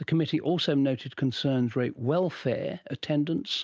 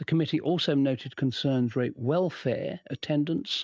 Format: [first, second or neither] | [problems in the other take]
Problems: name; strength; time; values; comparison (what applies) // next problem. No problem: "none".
first | noise reduction (neural mask model DeepFilterNet 3)